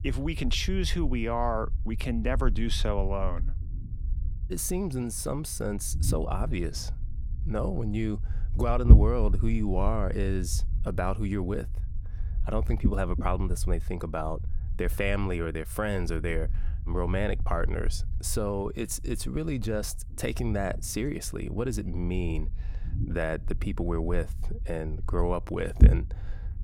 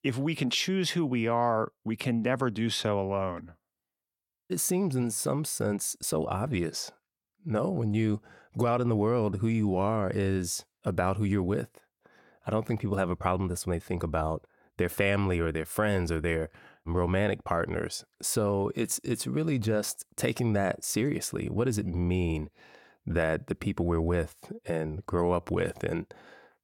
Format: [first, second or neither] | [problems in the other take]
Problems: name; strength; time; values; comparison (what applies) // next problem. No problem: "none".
second | low rumble; noticeable; throughout; 15 dB below the speech